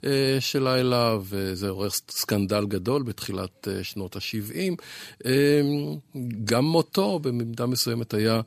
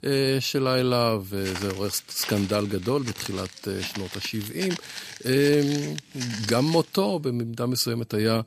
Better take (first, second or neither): first